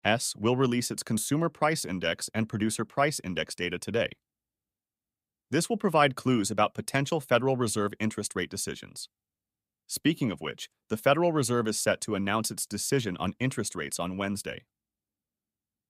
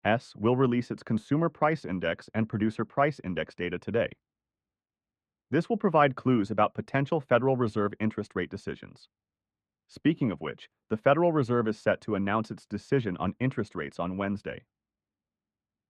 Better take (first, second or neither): first